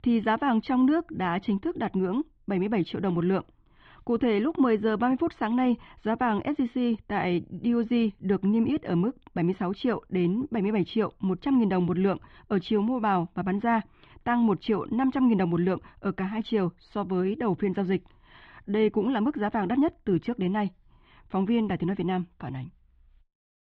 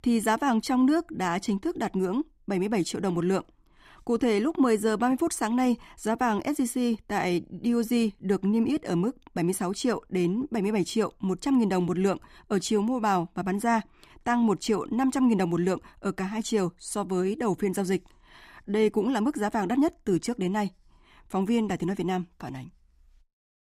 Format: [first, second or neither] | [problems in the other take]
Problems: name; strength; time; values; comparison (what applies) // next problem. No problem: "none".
second | muffled; very; fading above 3.5 kHz